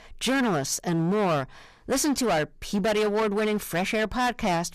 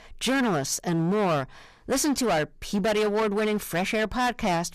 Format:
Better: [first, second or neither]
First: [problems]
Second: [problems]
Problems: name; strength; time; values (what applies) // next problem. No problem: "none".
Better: neither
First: distortion; heavy; 19% of the sound clipped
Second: distortion; heavy; 19% of the sound clipped